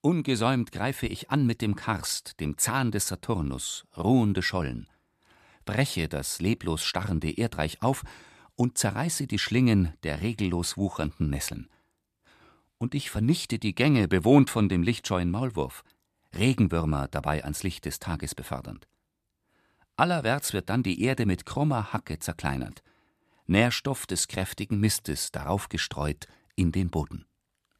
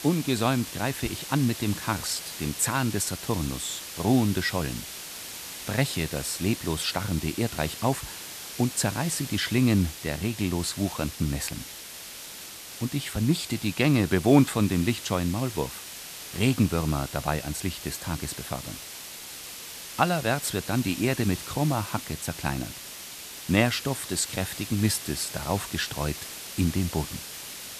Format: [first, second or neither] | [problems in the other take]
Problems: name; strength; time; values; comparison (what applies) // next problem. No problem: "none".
first | hiss; loud; throughout; 10 dB below the speech